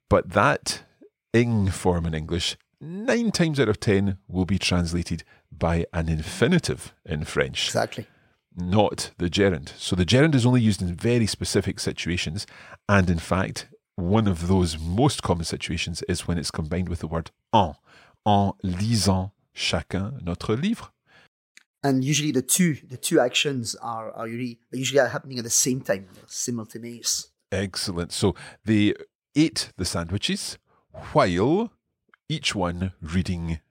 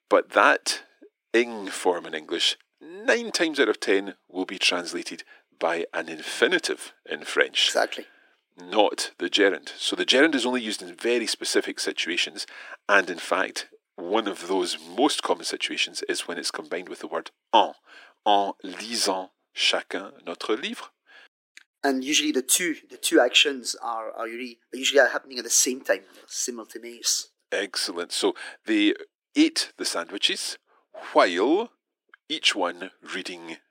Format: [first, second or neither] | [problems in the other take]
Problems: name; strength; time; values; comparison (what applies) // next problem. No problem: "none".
first | thin; somewhat; fading below 300 Hz